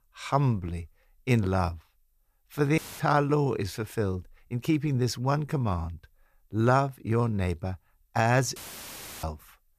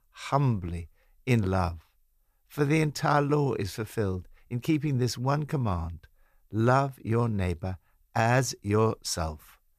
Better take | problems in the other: second | audio cutting out; filled with static; at 3 s and at 8.5 s for 0.5 s

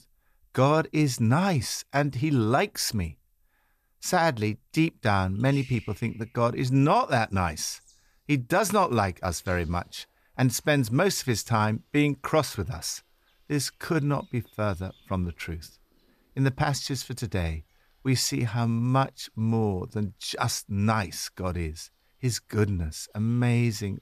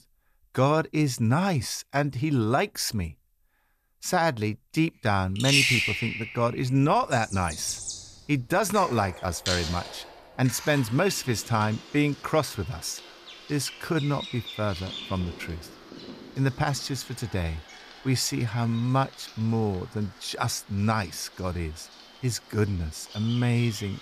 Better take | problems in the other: first | animal sounds; loud; from 5.5 s on; 5 dB below the speech; faint in the first

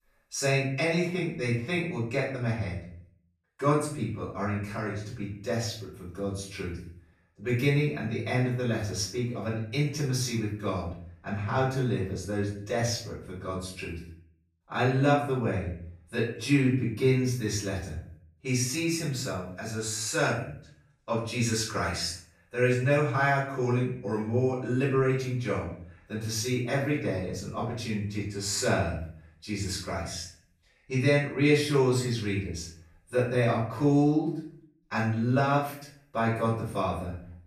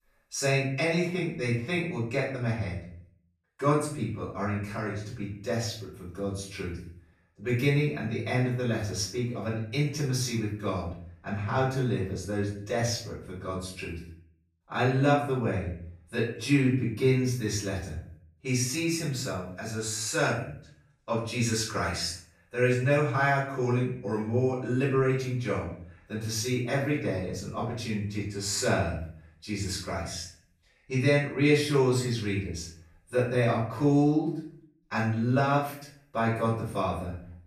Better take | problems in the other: neither | room echo; noticeable; dies away in 0.5 s; the same in both // off-mic speech; far; the same in both

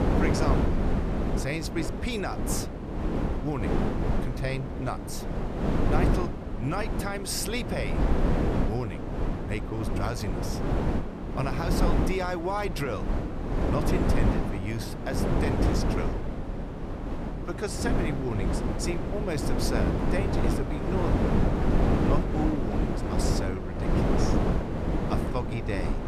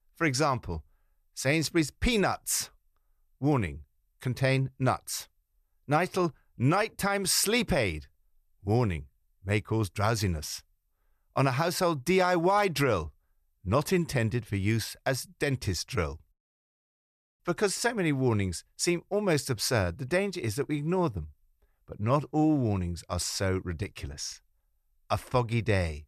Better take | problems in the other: second | wind noise on the microphone; heavy; 1 dB above the speech

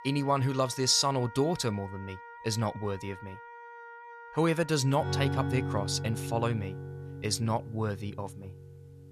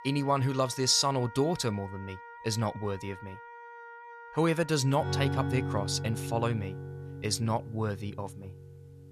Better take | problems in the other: neither | background music; noticeable; throughout; 10 dB below the speech; the same in both

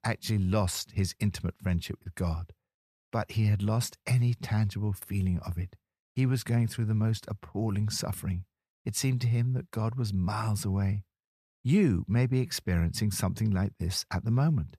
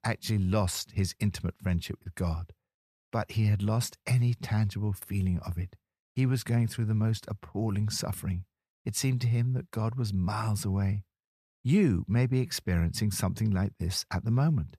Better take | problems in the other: neither | none

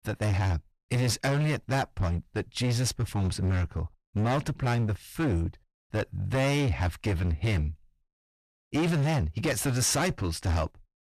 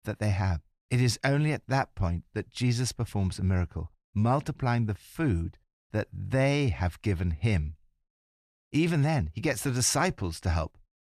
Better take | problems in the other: second | distortion; heavy; 20% of the sound clipped

